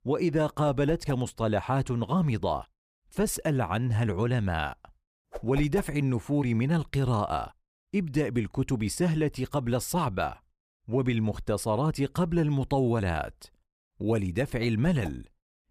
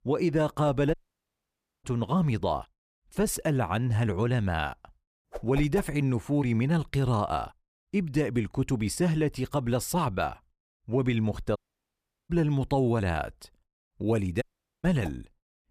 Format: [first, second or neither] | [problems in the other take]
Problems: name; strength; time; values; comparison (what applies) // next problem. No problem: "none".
first | audio cutting out; at 1 s for 1 s, at 12 s for 0.5 s and at 14 s